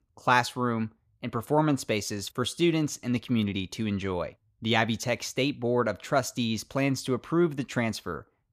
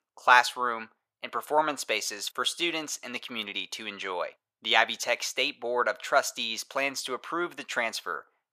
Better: first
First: none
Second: thin; very; fading below 700 Hz

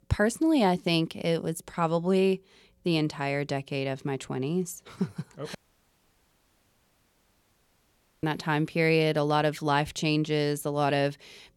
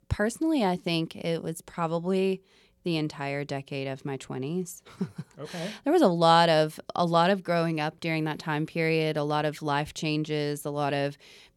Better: second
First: audio cutting out; at 5.5 s for 2.5 s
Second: none

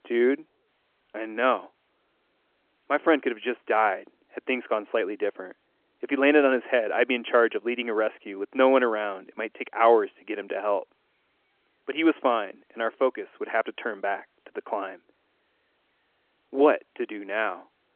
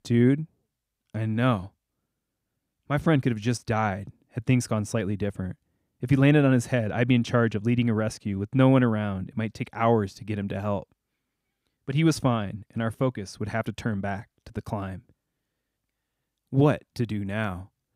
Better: second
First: phone-call audio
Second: none

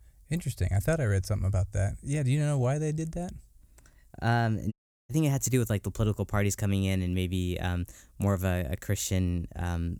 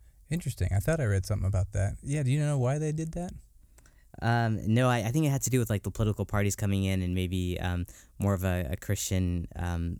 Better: second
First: audio cutting out; at 4.5 s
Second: none

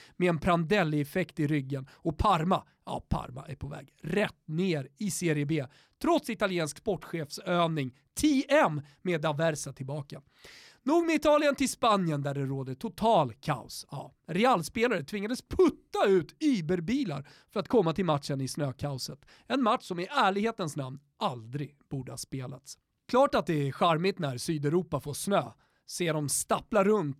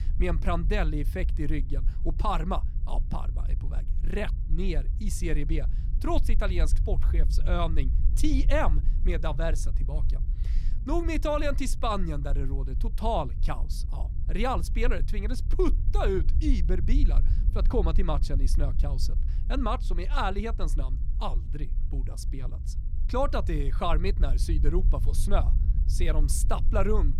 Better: first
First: none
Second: low rumble; noticeable; throughout; 15 dB below the speech

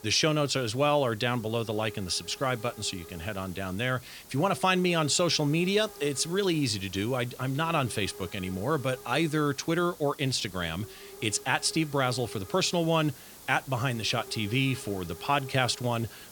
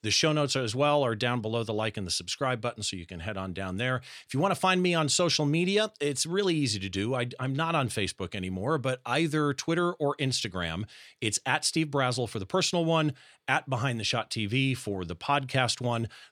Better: second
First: hiss; noticeable; throughout; 20 dB below the speech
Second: none

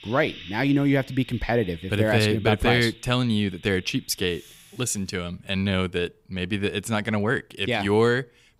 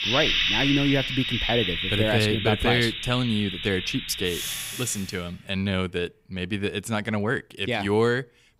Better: first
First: household noises; faint; until 4.5 s; 20 dB below the speech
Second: household noises; loud; until 4.5 s; 1 dB below the speech

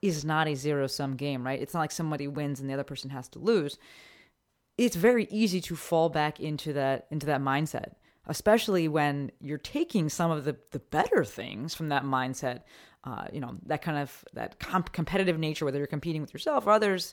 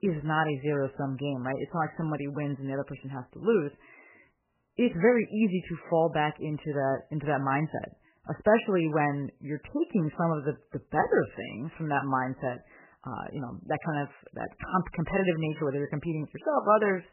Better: first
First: none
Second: garbled, watery; badly; nothing above 3 kHz

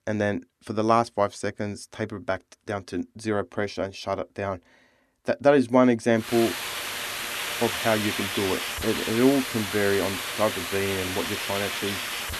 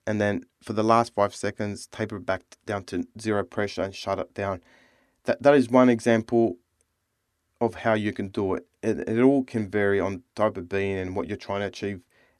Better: second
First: hiss; loud; from 6.5 s on; 3 dB below the speech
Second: none

